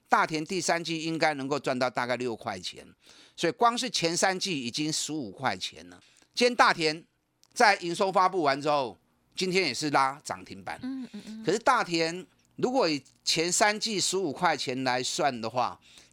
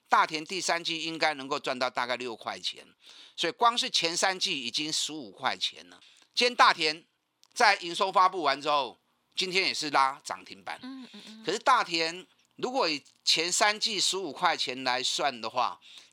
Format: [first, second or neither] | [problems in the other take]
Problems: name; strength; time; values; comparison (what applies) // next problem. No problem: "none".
first | thin; very slightly; fading below 700 Hz